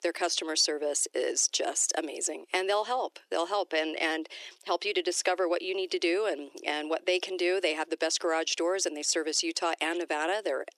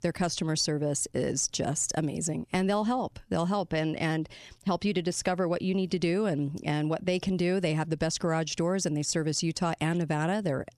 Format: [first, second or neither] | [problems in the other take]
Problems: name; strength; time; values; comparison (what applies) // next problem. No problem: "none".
second | thin; very; fading below 350 Hz